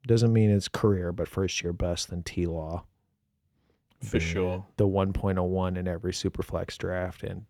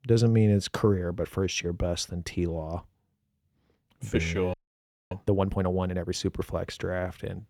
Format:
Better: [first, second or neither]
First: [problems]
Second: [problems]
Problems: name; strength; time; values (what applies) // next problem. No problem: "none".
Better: first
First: none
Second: audio freezing; at 4.5 s for 0.5 s